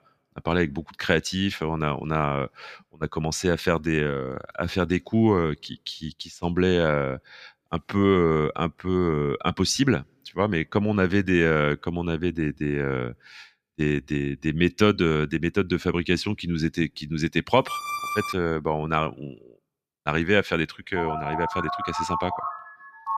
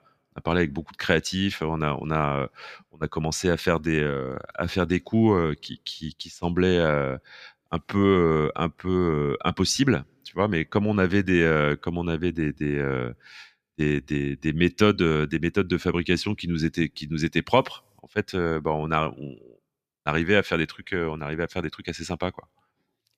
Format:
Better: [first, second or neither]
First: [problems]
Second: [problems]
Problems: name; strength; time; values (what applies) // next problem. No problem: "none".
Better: second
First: alarm; noticeable; at 18 s; peak 4 dB below the speech // phone ringing; noticeable; from 21 s on; peak 3 dB below the speech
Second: none